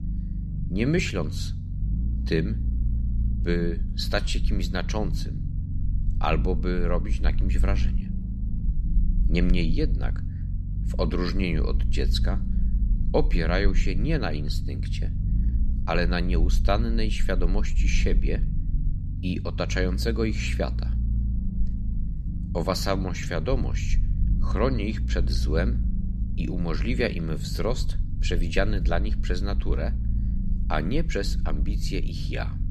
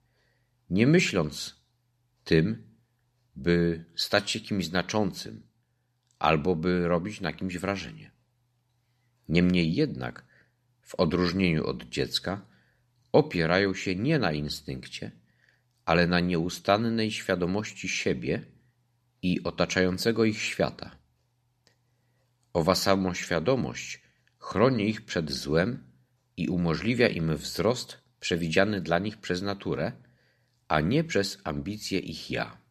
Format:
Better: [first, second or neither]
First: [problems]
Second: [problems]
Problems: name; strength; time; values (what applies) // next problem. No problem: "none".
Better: second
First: low rumble; noticeable; throughout; 15 dB below the speech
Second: none